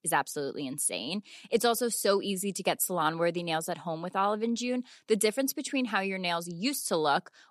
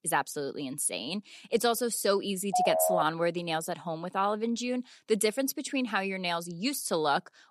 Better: first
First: none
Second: phone ringing; loud; at 2.5 s; peak 3 dB above the speech

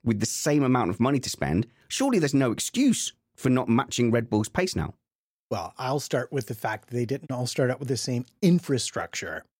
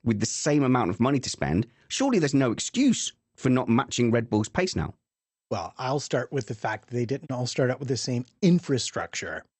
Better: first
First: none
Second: garbled, watery; slightly; nothing above 8 kHz

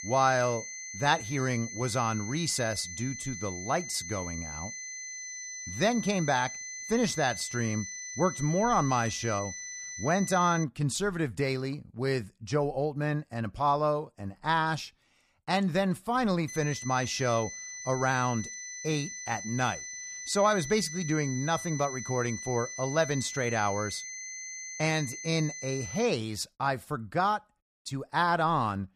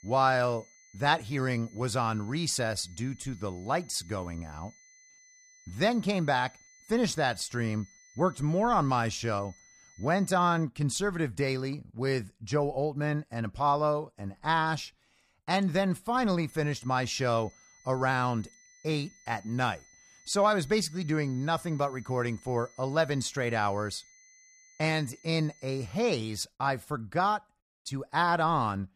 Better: second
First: high-pitched whine; loud; until 11 s and from 16 to 26 s; 6 kHz, 8 dB below the speech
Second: high-pitched whine; faint; until 11 s and from 16 to 26 s; 6 kHz, 25 dB below the speech

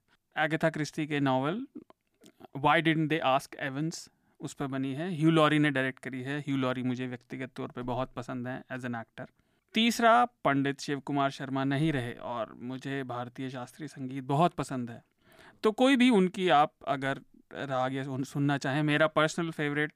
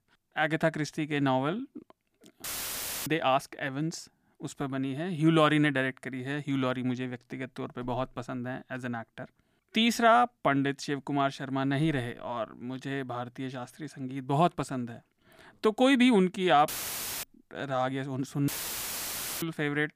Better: first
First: none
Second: audio cutting out; filled with static; at 2.5 s for 0.5 s, at 17 s for 0.5 s and at 18 s for 1 s

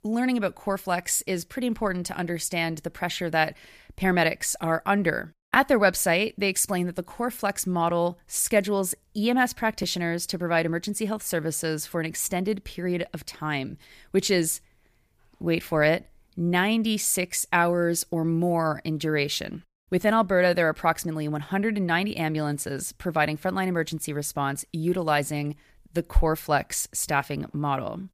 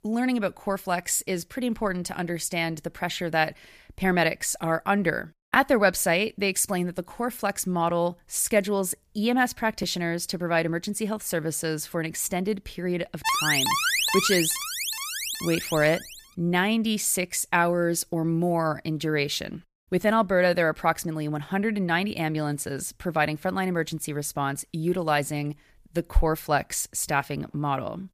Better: first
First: none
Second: alarm; loud; from 13 to 16 s; peak 4 dB above the speech

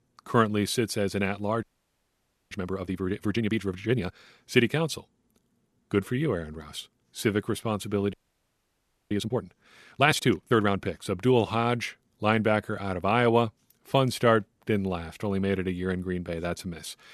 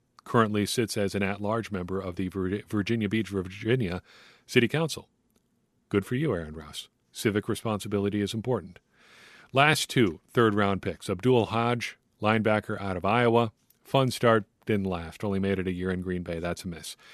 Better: second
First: audio freezing; at 1.5 s for 1 s and at 8 s for 1 s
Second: none

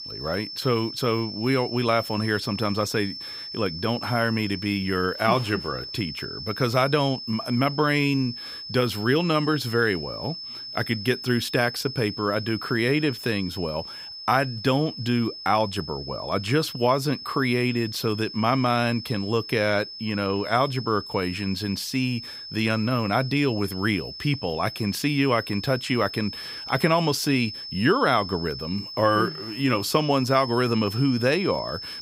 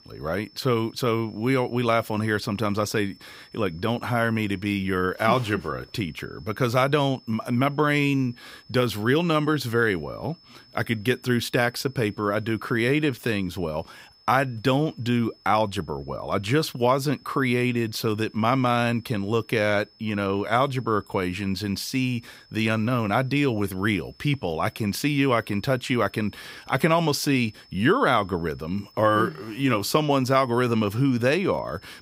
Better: second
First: high-pitched whine; loud; throughout; 5 kHz, 10 dB below the speech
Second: high-pitched whine; faint; throughout; 5 kHz, 30 dB below the speech

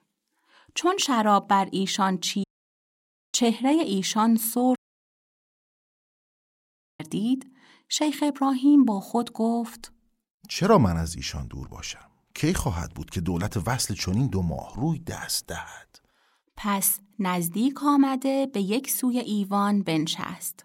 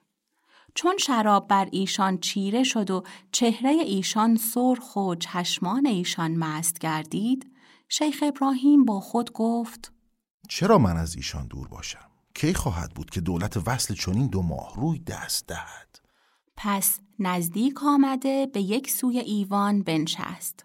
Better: second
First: audio cutting out; at 2.5 s for 1 s and at 5 s for 2 s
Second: none

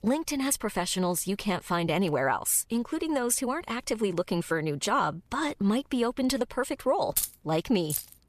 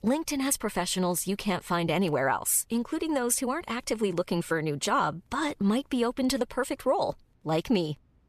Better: second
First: jangling keys; noticeable; at 7 s; peak 1 dB below the speech // jangling keys; very faint; at 8 s; peak 5 dB below the speech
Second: none

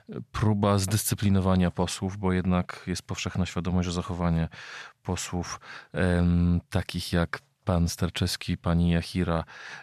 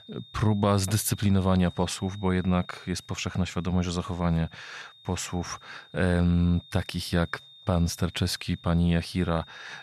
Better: first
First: none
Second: high-pitched whine; faint; throughout; 3.5 kHz, 20 dB below the speech

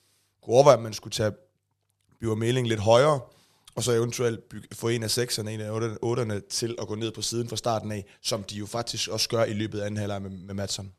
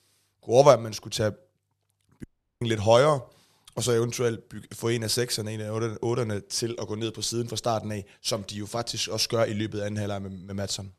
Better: first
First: none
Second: audio cutting out; at 2 s

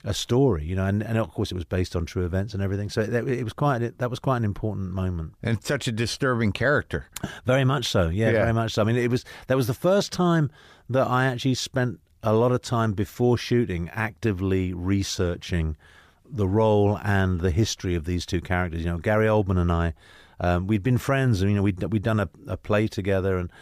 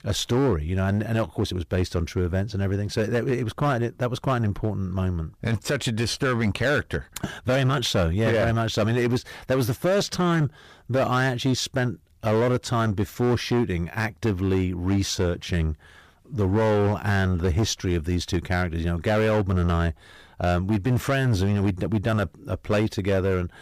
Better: first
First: none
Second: distortion; slight; 10% of the sound clipped

